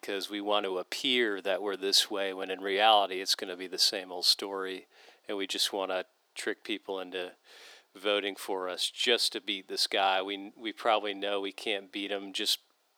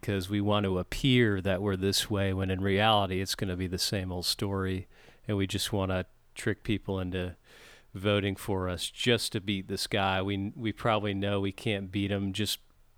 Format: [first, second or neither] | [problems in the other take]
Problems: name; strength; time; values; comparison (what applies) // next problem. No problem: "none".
second | thin; very; fading below 300 Hz